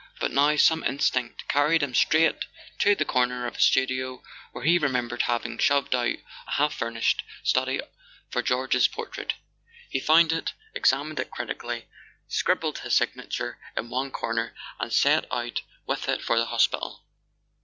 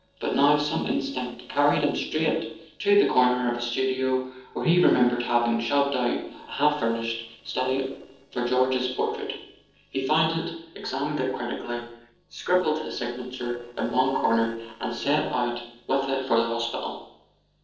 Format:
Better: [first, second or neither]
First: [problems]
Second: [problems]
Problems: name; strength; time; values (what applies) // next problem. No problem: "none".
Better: first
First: none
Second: noise reduction (neural separator model SepFormer DNS4)